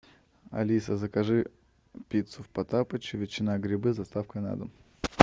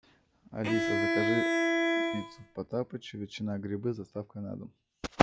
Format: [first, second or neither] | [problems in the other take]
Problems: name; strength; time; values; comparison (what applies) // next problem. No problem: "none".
first | noise reduction (classical method log-MMSE)